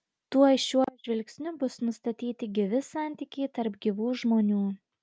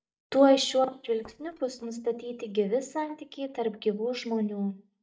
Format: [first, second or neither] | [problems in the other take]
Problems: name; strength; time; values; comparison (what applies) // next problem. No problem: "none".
first | noise reduction (neural mask model DeepFilterNet 3)